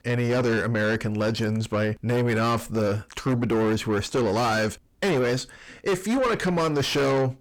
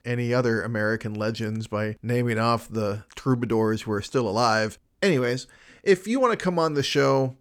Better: second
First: distortion; heavy; 6 dB below the speech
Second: none

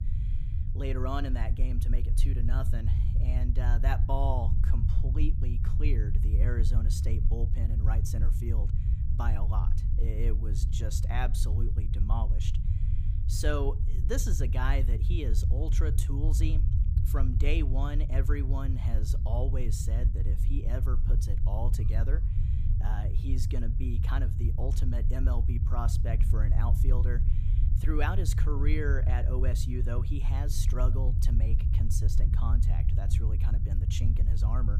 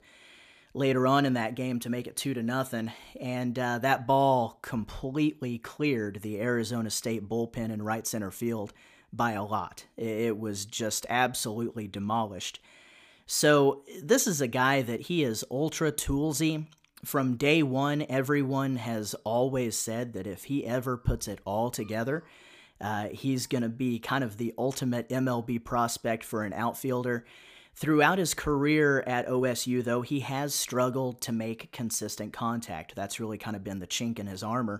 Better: second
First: low rumble; loud; throughout; 6 dB below the speech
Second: none

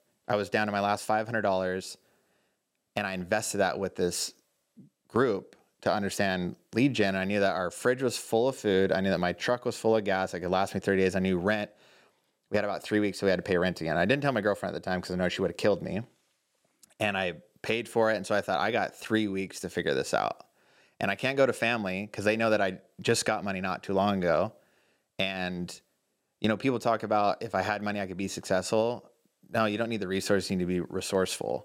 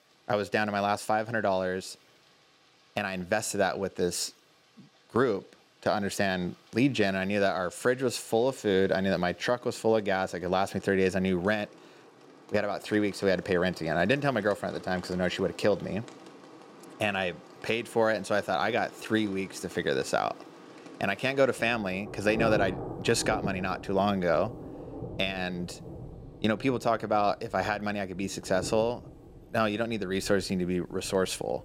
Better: first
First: none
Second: rain or running water; noticeable; throughout; 15 dB below the speech

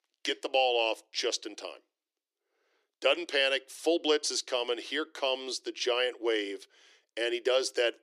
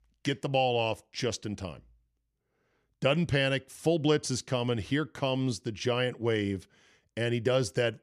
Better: second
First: thin; very; fading below 350 Hz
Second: none

